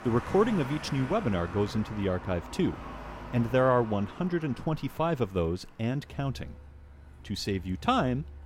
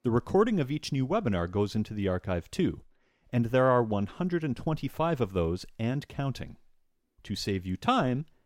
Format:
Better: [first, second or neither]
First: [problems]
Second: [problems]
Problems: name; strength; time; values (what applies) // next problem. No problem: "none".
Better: second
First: traffic noise; noticeable; throughout; 15 dB below the speech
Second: none